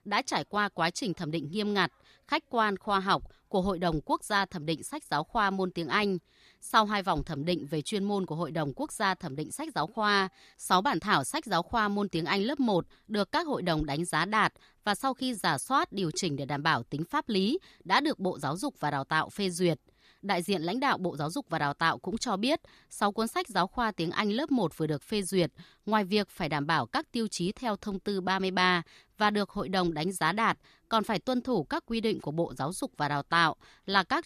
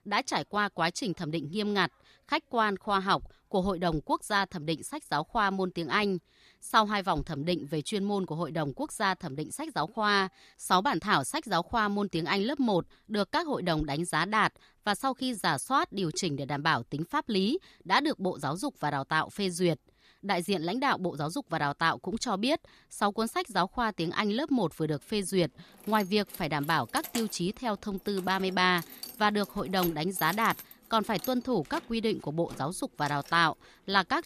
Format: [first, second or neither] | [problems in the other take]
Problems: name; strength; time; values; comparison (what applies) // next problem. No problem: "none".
first | jangling keys; noticeable; from 26 to 33 s; peak 7 dB below the speech